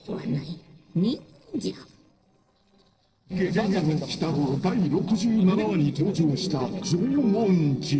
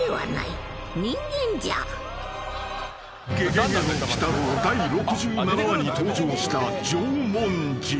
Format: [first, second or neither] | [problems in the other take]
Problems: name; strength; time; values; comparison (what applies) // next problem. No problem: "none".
second | noise reduction (neural separator model SepFormer DNS4)